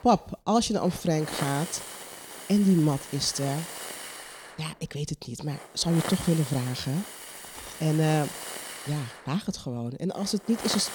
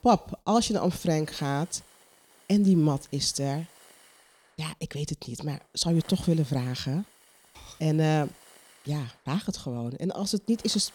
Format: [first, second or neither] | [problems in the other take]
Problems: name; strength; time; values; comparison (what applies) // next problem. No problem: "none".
second | hiss; loud; throughout; 10 dB below the speech; faint in the second